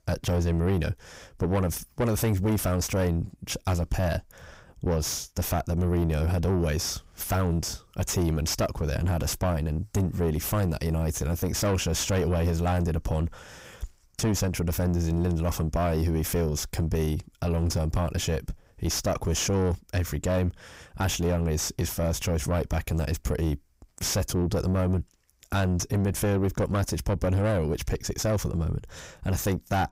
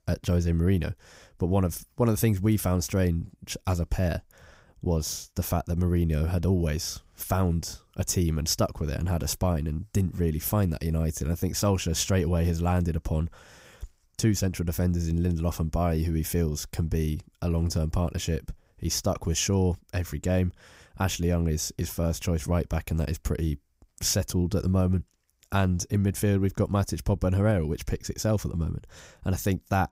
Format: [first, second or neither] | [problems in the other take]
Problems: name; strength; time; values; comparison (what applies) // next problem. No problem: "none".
second | distortion; heavy; 5 dB below the speech